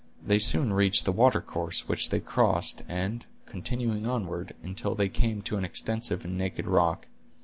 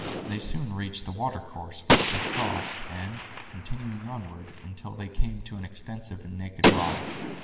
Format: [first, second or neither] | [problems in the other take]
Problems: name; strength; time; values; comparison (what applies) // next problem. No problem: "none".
first | background sound (Gunshot, gunfire); 2 dB above the speech // room echo; dies away in 2.2 s